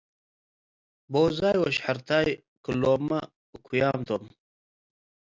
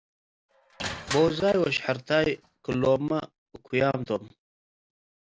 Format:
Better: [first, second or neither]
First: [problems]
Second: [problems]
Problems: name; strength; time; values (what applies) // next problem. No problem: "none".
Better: first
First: none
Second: background sound (Crushing); 14 dB below the speech